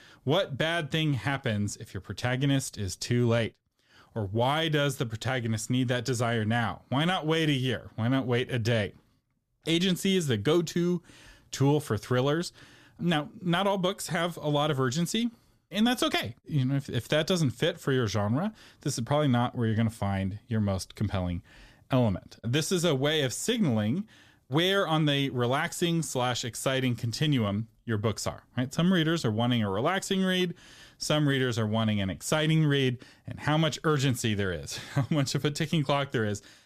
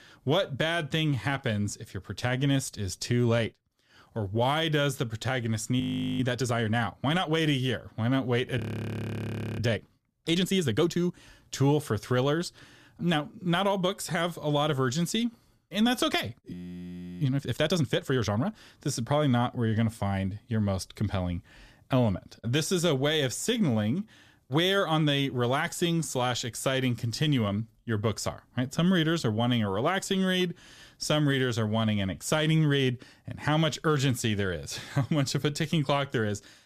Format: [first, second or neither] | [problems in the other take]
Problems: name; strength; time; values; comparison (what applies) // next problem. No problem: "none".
first | audio freezing; at 6 s, at 8.5 s for 1 s and at 17 s for 0.5 s